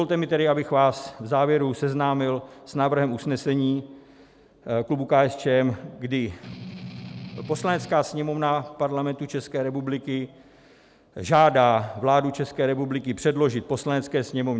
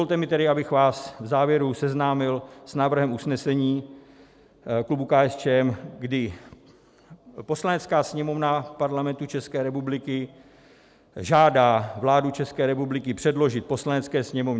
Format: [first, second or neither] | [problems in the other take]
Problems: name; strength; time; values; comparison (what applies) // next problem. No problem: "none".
second | background sound (Strum); 13 dB below the speech